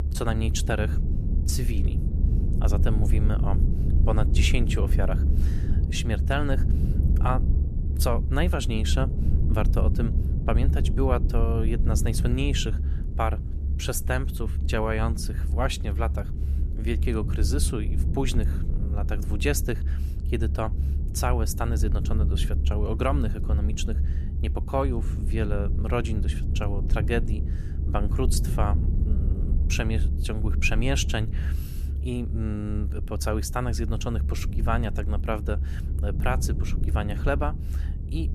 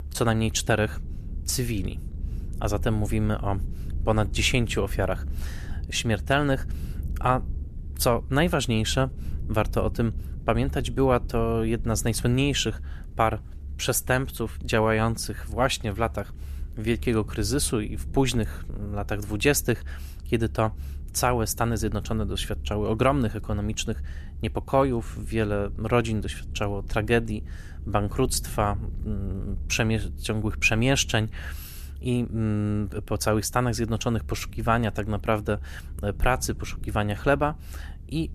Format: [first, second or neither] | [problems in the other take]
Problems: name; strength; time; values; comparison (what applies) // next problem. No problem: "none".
second | low rumble; loud; throughout; 10 dB below the speech; faint in the second